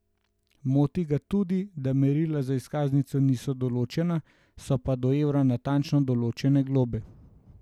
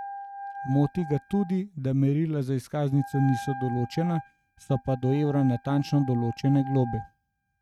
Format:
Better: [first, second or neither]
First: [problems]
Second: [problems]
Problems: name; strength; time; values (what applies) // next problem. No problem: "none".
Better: first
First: none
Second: noise reduction (neural mask model RNNoise)